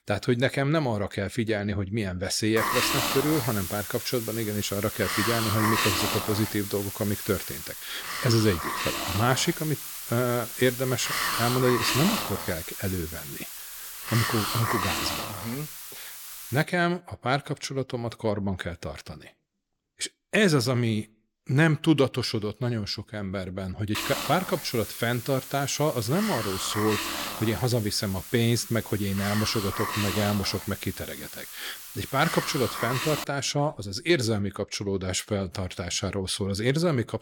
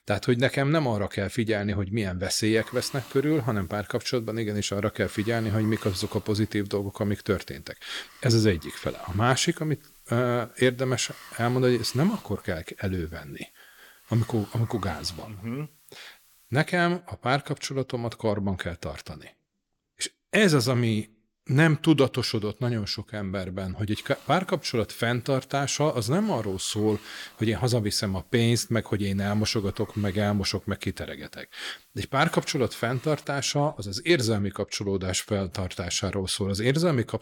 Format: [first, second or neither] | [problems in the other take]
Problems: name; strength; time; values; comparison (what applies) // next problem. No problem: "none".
second | hiss; loud; from 2.5 to 17 s and from 24 to 33 s; 3 dB below the speech; faint in the second